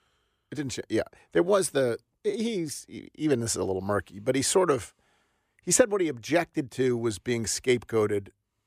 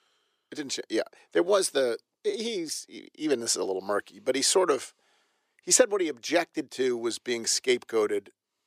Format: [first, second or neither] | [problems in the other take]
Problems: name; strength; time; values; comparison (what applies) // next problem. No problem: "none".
first | thin; very slightly; fading below 350 Hz